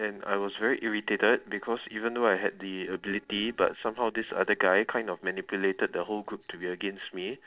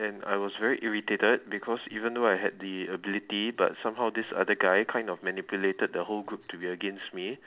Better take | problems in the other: second | noise reduction (neural separator model SepFormer DNS4)

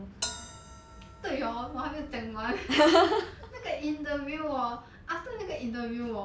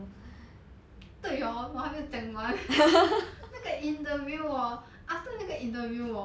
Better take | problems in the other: second | background sound (Bell); 13 dB below the speech

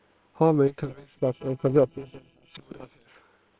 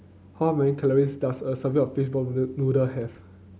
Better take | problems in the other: second | noise reduction (neural separator model SepFormer WHAM!)

